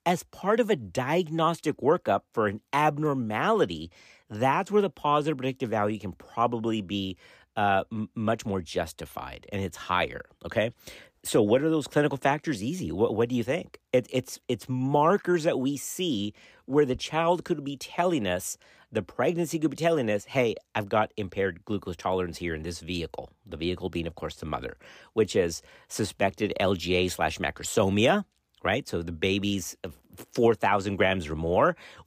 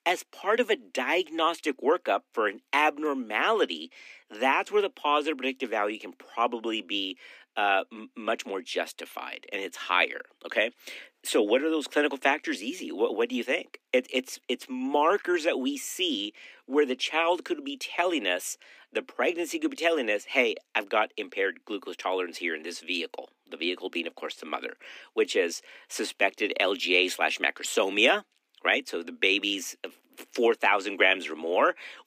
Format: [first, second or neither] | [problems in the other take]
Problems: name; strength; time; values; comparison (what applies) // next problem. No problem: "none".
first | thin; very slightly; fading below 250 Hz